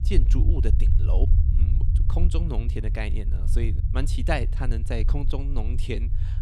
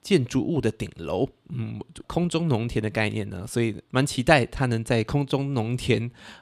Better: second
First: low rumble; loud; throughout; 8 dB below the speech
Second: none

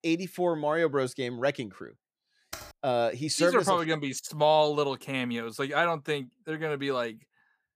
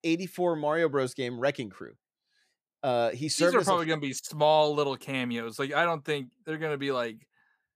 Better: second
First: keyboard typing; faint; at 2.5 s; peak 15 dB below the speech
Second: none

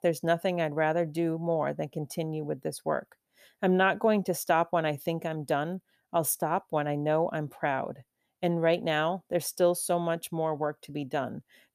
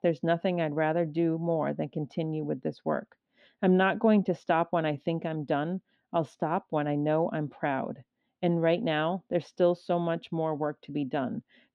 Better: first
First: none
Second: muffled; slightly; fading above 3.5 kHz

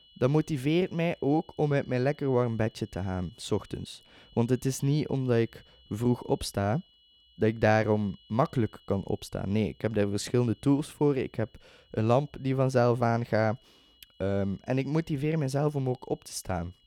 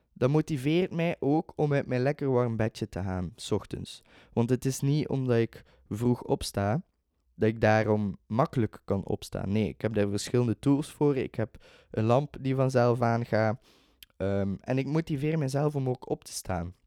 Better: second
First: high-pitched whine; faint; throughout; 3 kHz, 30 dB below the speech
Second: none

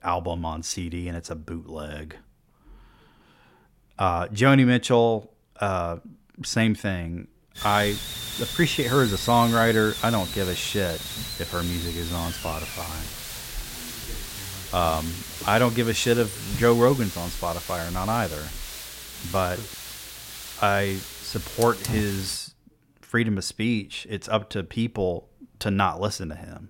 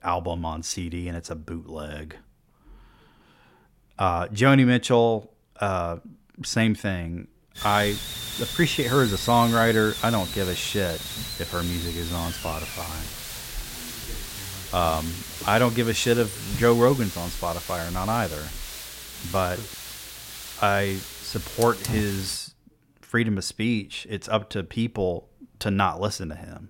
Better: neither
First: hiss; loud; from 7.5 to 22 s; 8 dB below the speech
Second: hiss; loud; from 7.5 to 22 s; 8 dB below the speech

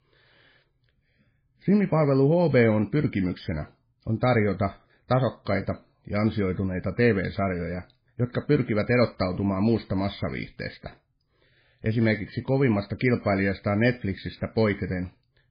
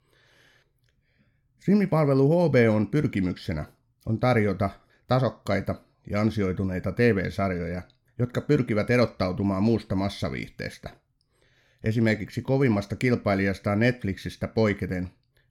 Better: second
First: garbled, watery; badly; nothing above 4.5 kHz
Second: none

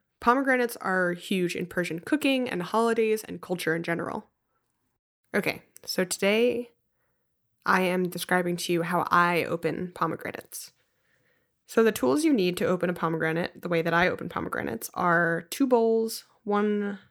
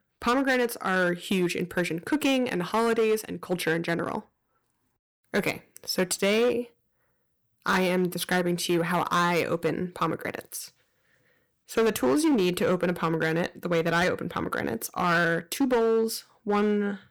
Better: first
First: none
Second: distortion; slight; 7% of the sound clipped

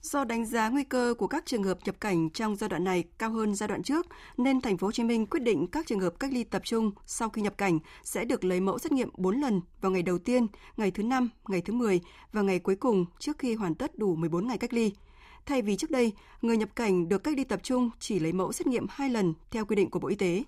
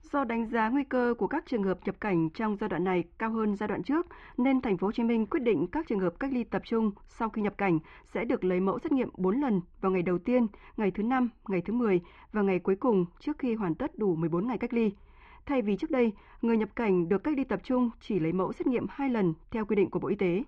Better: first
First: none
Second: muffled; very; fading above 2.5 kHz

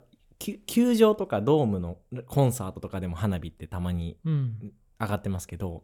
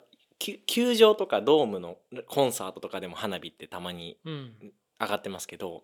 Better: first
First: none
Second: thin; somewhat; fading below 400 Hz

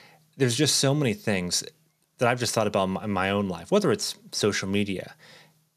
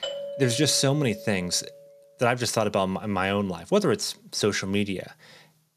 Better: first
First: none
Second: doorbell; noticeable; until 1.5 s; peak 7 dB below the speech

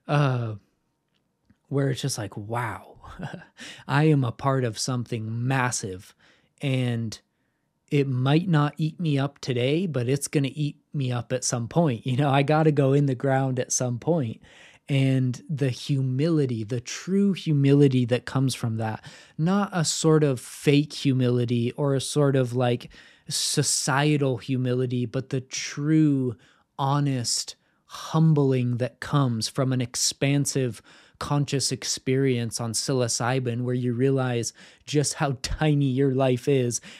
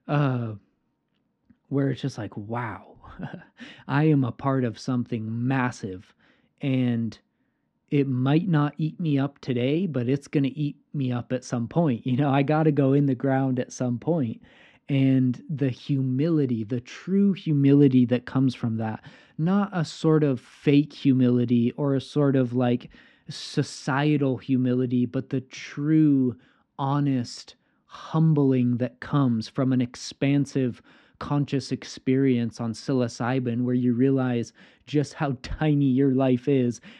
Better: first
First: none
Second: muffled; slightly; fading above 3 kHz

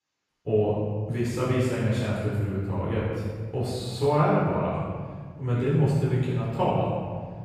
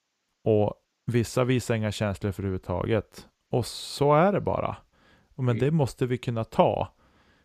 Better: second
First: room echo; strong; dies away in 1.9 s // off-mic speech; far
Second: none

